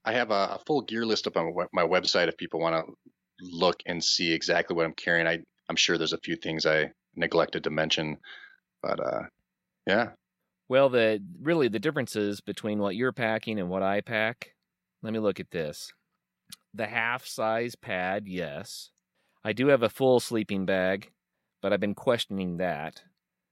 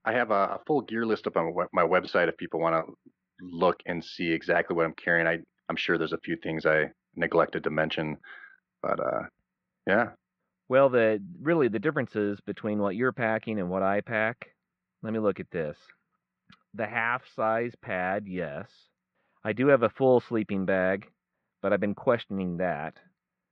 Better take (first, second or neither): first